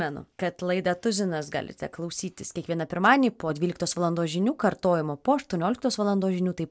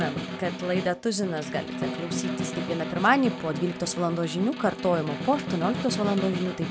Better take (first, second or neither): first